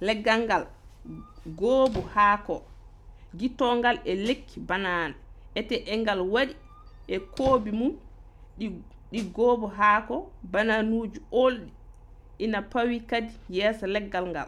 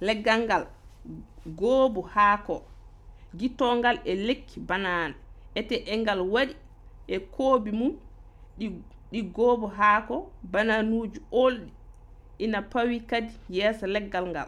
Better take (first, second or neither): second